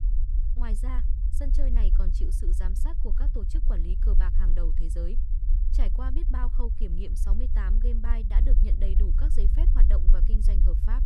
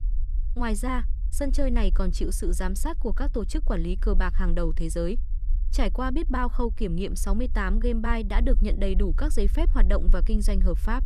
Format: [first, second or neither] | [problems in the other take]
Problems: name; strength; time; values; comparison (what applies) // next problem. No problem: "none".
second | low rumble; loud; throughout; 5 dB below the speech; faint in the second